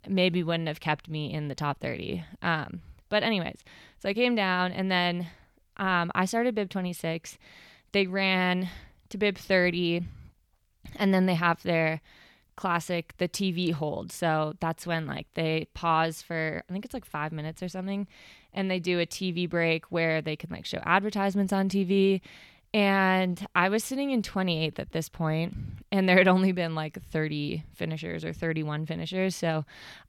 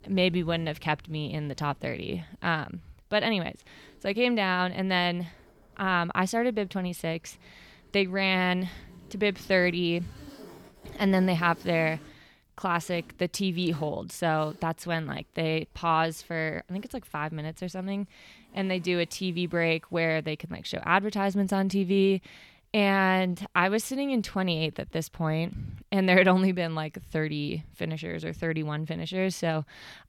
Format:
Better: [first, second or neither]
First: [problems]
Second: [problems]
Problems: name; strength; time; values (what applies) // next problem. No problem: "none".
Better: first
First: none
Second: household noises; faint; throughout; 25 dB below the speech